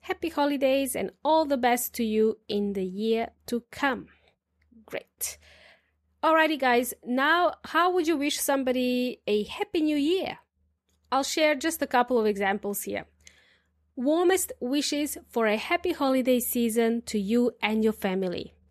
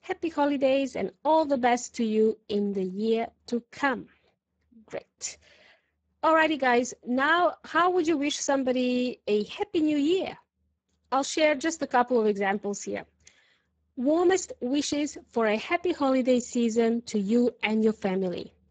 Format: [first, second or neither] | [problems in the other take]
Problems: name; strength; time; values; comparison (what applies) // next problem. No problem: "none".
first | garbled, watery; badly; nothing above 7.5 kHz